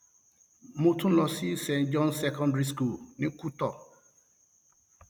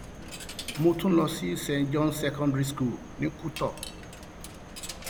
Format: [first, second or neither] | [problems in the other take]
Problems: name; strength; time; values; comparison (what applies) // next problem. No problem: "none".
first | background sound (Coin (dropping)); 12 dB below the speech